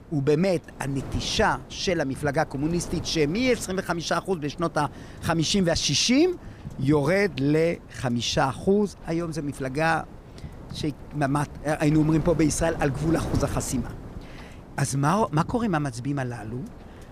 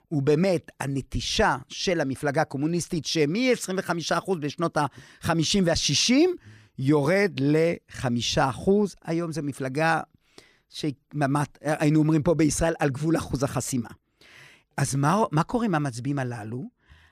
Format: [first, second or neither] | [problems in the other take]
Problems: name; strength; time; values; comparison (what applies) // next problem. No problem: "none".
second | wind noise on the microphone; occasional gusts; 20 dB below the speech